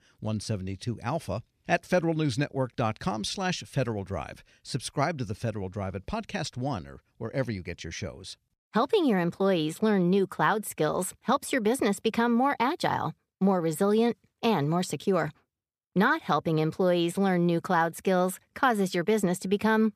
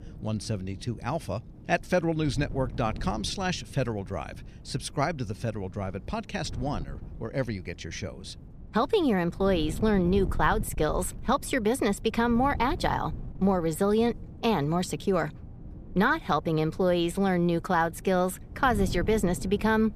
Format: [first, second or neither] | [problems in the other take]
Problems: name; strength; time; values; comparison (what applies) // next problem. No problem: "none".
first | wind noise on the microphone; occasional gusts; 20 dB below the speech